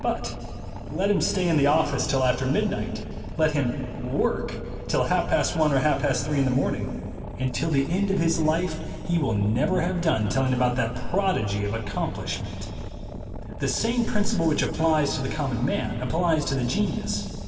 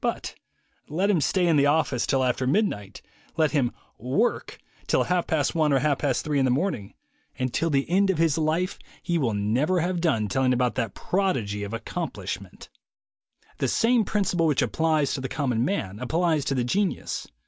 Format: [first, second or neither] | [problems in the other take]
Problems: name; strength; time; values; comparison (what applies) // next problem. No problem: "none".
second | background sound (Boat, Water vehicle); 9 dB below the speech // room echo; dies away in 2.4 s